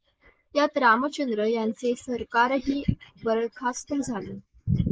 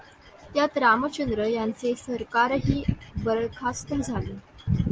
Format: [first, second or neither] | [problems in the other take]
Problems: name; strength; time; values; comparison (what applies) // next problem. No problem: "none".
second | noise reduction (neural mask model Resemble Enhance denoiser)